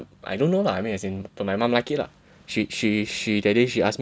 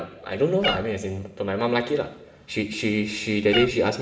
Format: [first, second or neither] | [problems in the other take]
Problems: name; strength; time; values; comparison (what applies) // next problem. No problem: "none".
first | background sound (Meow); 7 dB below the speech // room echo; dies away in 0.8 s